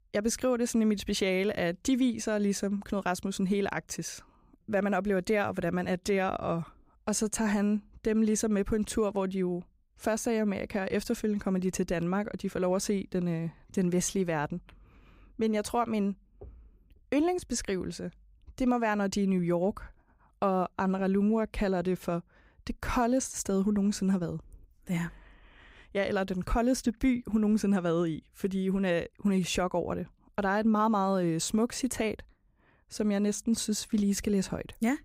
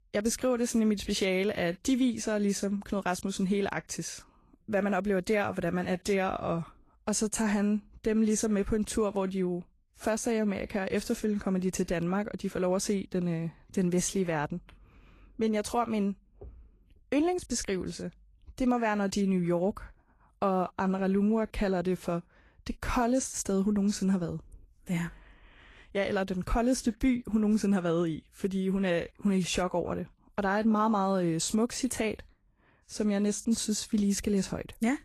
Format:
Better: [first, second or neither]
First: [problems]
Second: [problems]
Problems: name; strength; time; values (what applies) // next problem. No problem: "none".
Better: first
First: none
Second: garbled, watery; slightly; nothing above 12.5 kHz